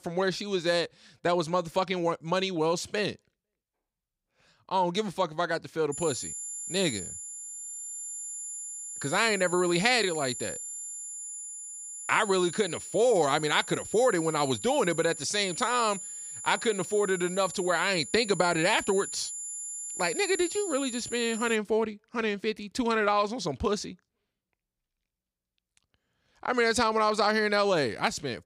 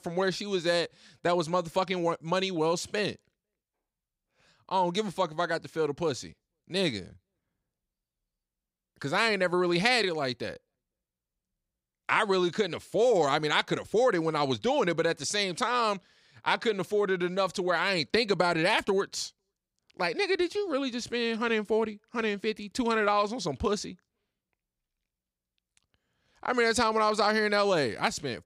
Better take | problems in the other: second | high-pitched whine; loud; from 6 to 22 s; 7 kHz, 9 dB below the speech

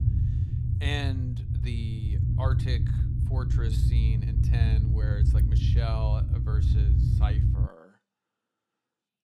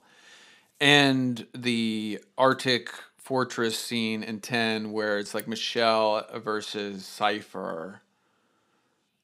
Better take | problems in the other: second | low rumble; loud; until 7.5 s; 1 dB below the speech

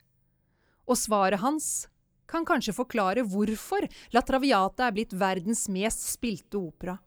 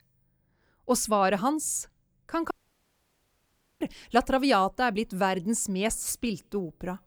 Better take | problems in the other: first | audio cutting out; at 2.5 s for 1.5 s

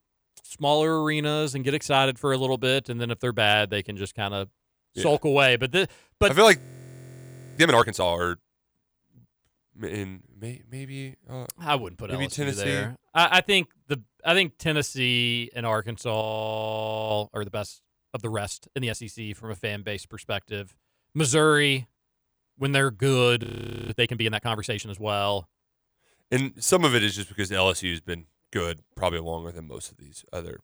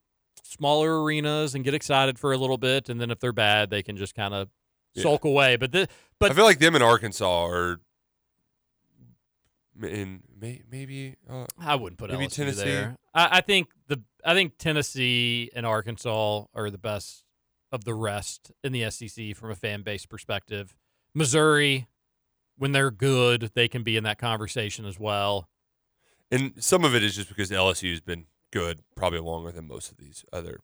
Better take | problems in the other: second | audio freezing; at 6.5 s for 1 s, at 16 s for 1 s and at 23 s

